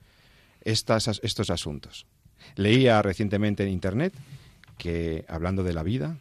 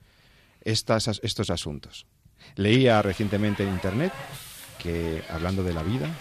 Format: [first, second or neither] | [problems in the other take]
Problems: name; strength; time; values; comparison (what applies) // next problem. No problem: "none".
first | hiss; noticeable; from 3 s on; 15 dB below the speech